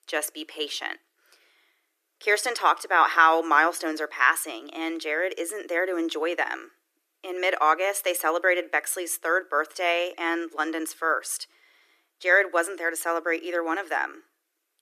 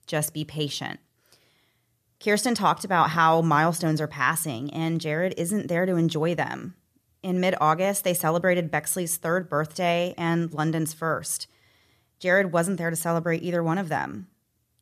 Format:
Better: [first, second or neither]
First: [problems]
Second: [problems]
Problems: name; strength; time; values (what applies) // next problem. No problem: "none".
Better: second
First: thin; very; fading below 300 Hz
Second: none